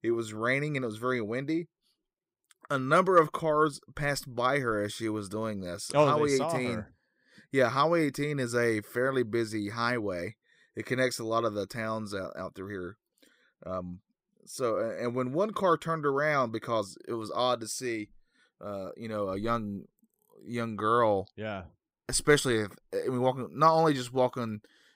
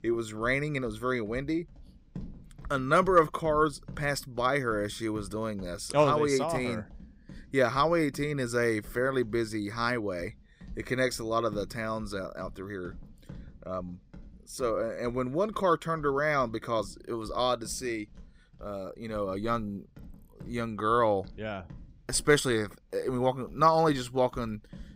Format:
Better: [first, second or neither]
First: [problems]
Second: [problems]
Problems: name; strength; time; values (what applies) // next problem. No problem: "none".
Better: first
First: none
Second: animal sounds; faint; throughout; 20 dB below the speech